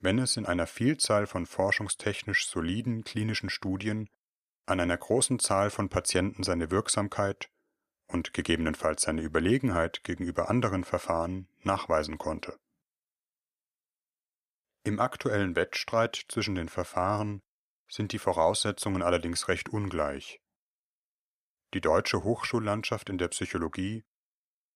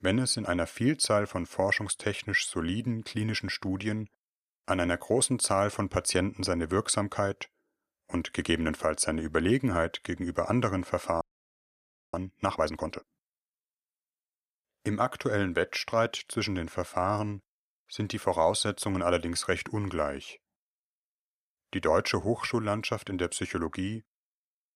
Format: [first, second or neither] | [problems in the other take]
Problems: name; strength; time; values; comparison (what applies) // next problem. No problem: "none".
first | audio freezing; at 11 s for 1 s